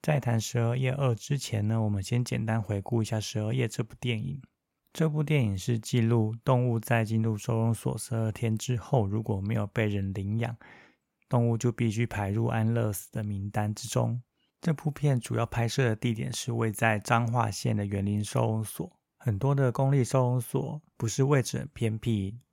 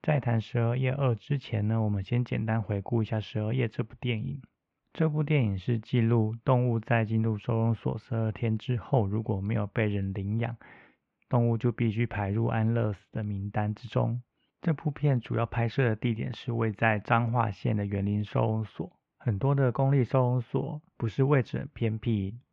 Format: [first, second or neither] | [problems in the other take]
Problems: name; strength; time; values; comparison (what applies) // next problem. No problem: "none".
first | muffled; very; fading above 3 kHz